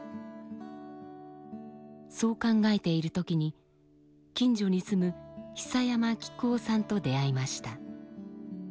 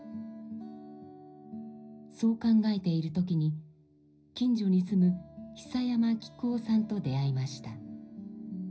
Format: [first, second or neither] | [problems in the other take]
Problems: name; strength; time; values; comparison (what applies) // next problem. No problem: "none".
first | room echo; dies away in 0.5 s